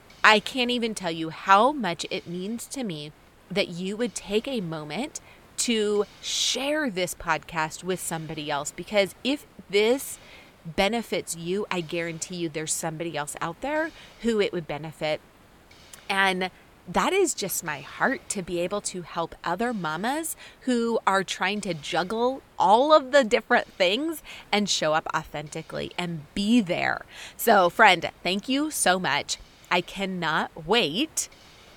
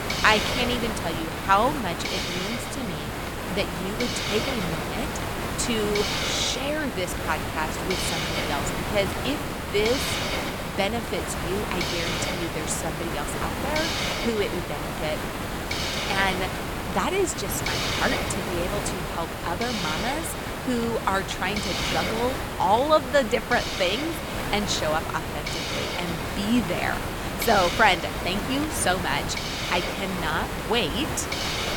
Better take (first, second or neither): first